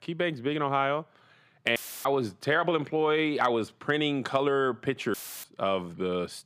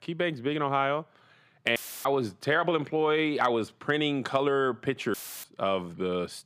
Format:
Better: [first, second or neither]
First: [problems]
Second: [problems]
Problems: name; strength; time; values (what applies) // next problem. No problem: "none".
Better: neither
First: audio cutting out; filled with static; at 2 s and at 5 s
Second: audio cutting out; filled with static; at 2 s and at 5 s